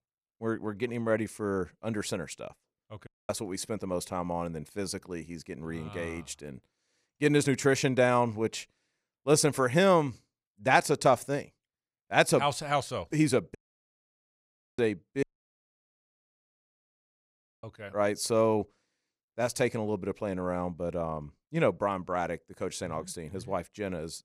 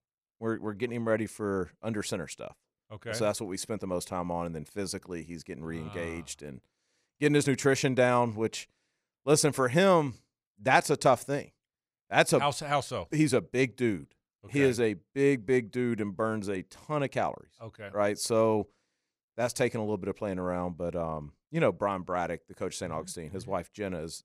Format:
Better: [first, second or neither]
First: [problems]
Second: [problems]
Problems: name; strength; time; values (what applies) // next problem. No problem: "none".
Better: second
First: audio cutting out; at 3 s, at 14 s for 1 s and at 15 s for 2.5 s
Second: none